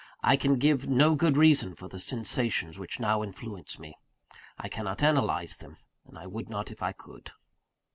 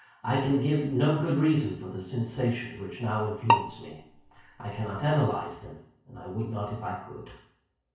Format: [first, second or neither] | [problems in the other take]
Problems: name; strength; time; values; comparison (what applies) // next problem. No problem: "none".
first | background sound (Bowed string instrument); 1 dB below the speech // room echo; dies away in 0.6 s